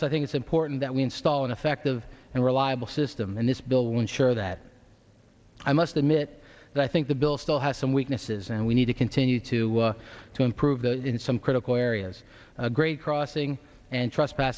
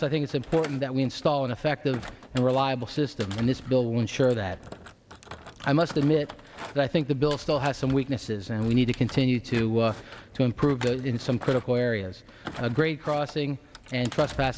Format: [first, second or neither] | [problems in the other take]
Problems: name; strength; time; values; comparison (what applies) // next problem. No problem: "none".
first | background sound (Thump, thud); 17 dB below the speech